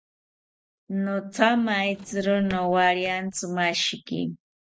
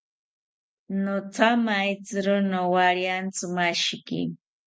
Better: second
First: noise reduction (neural separator model SepFormer DNS4)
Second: none

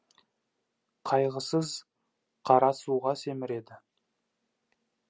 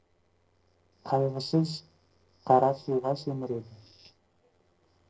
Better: first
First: none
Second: noise reduction (neural separator model SepFormer DNS4)

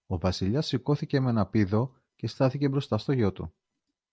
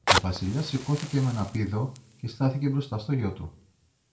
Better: first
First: none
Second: background sound (Fire); 5 dB below the speech // room echo; dies away in 0.3 s

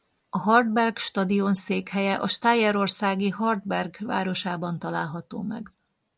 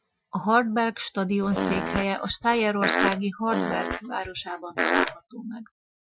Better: first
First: none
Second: noise reduction (classical method Wiener filter)

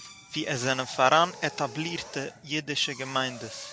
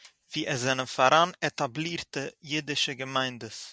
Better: second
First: background sound (Drill); 17 dB below the speech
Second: none

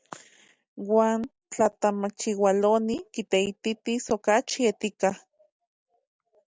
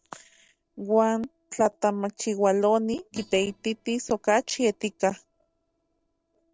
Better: first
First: none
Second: noise reduction (neural separator model SepFormer DNS4)

